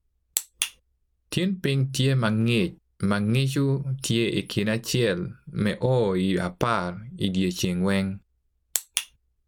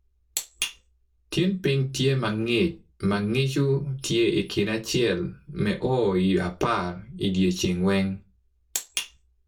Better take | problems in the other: first | room echo; dies away in 0.2 s

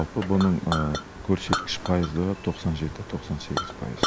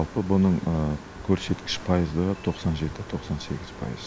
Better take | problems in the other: second | background sound (Chink, clink); 7 dB below the speech

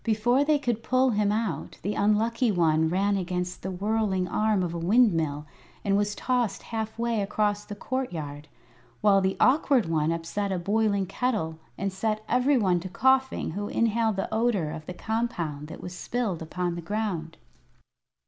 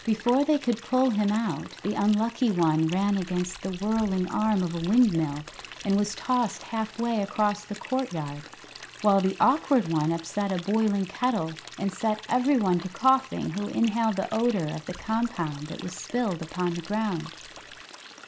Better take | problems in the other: first | background sound (Stream); 18 dB below the speech

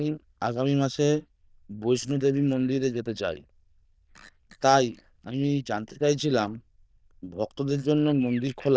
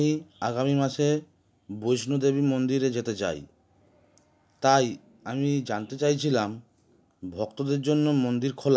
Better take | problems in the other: second | noise reduction (neural diffusion model UNIVERSE++)

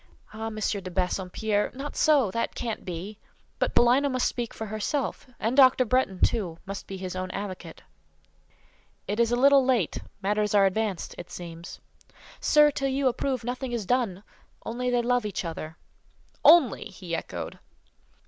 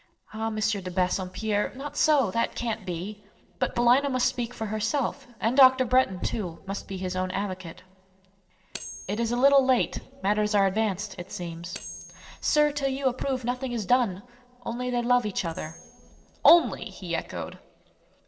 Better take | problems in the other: first | noise reduction (neural separator model SepFormer DNS4)

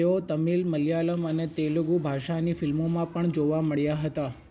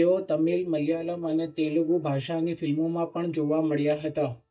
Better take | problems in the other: first | noise reduction (neural mask model DeepFilterNet 3)

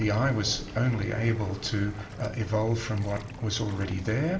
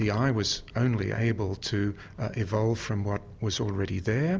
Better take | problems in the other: second | background sound (Waves, surf); 15 dB below the speech // room echo; dies away in 0.6 s

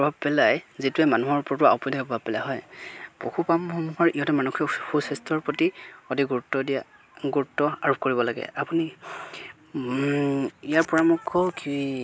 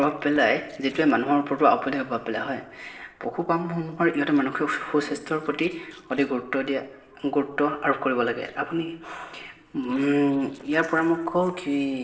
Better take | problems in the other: first | noise reduction (neural separator model SepFormer DNS4)

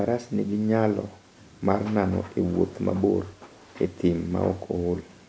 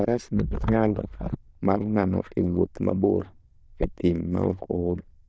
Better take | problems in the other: first | noise reduction (neural diffusion model UNIVERSE++)

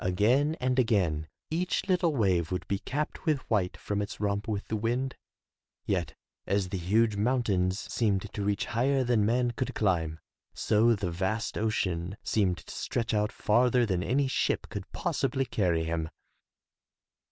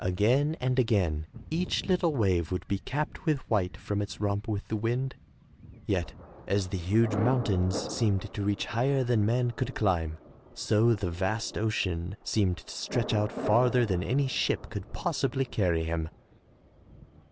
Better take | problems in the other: first | background sound (Thunder); 14 dB below the speech

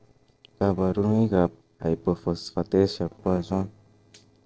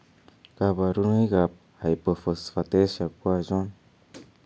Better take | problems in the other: second | noise reduction (neural separator model SepFormer DNS4)

